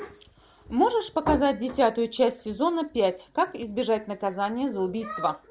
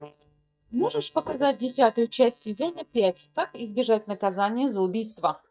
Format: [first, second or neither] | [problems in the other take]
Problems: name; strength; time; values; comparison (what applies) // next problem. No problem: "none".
first | noise reduction (neural mask model DeepFilterNet 3)